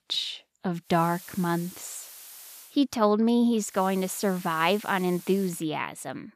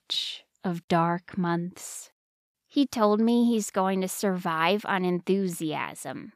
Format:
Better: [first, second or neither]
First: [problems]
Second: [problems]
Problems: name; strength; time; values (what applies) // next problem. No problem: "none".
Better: second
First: hiss; noticeable; from 1 to 2.5 s and from 3.5 to 5.5 s; 15 dB below the speech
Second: none